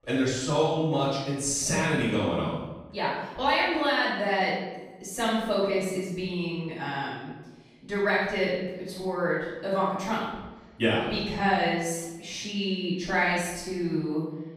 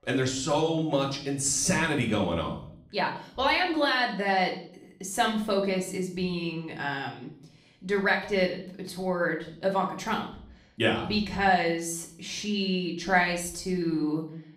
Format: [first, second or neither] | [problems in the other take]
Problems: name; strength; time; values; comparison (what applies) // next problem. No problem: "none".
second | room echo; strong; dies away in 0.9 s; slight in the second // off-mic speech; far; somewhat distant in the second